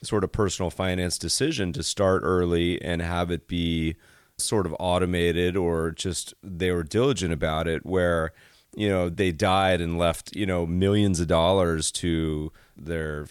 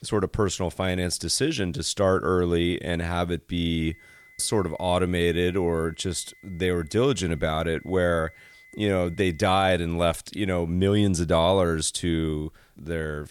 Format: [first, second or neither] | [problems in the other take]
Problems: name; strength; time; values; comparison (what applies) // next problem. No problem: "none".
first | high-pitched whine; faint; from 3.5 to 9.5 s; 2 kHz, 25 dB below the speech